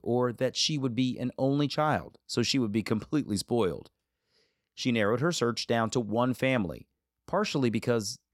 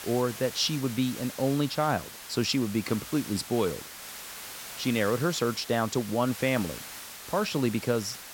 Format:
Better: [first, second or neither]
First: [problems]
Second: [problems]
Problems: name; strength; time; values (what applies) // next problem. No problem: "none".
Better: first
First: none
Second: hiss; noticeable; throughout; 10 dB below the speech